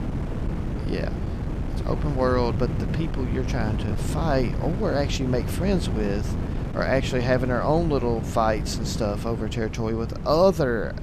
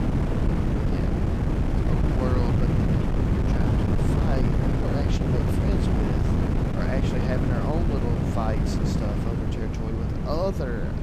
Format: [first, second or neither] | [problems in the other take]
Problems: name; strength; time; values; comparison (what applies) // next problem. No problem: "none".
first | wind noise on the microphone; heavy; 3 dB above the speech; occasional gusts in the first